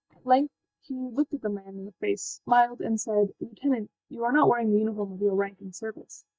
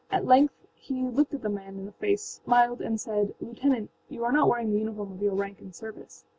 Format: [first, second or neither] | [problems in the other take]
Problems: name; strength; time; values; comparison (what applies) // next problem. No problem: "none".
second | noise reduction (neural mask model DeepFilterNet 3)